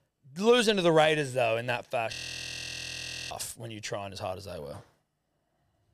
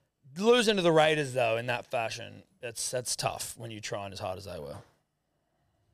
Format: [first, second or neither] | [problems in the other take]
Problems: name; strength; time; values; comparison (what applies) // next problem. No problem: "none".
second | audio freezing; at 2 s for 1 s